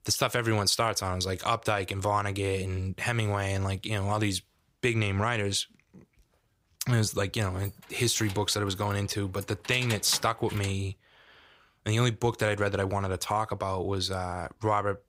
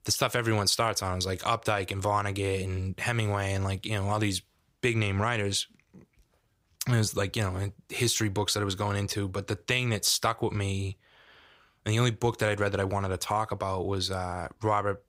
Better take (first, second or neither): second